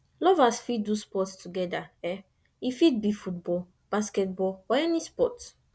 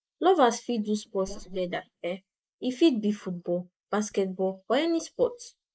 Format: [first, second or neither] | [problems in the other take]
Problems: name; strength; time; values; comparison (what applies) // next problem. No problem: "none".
first | noise reduction (neural mask model Resemble Enhance denoiser)